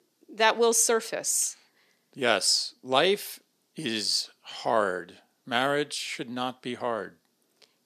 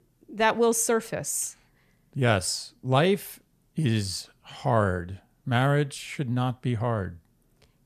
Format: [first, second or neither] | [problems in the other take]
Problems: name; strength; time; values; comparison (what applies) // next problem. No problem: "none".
second | thin; somewhat; fading below 300 Hz